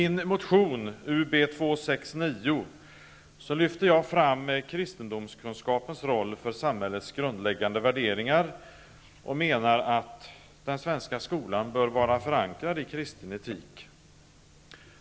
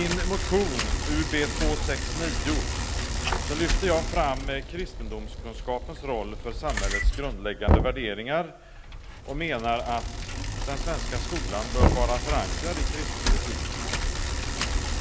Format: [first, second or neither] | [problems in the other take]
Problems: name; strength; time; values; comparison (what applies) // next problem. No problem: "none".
first | background sound (Knock + Bicycle); 4 dB above the speech